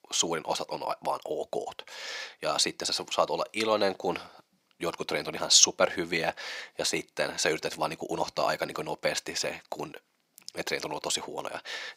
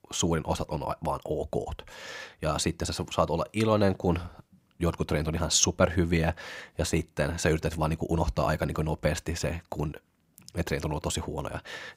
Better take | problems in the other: second | thin; somewhat; fading below 350 Hz

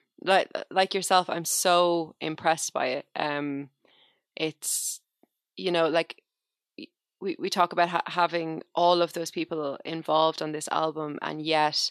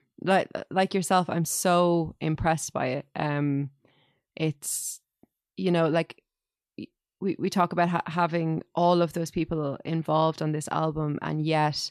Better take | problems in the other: second | thin; somewhat; fading below 350 Hz

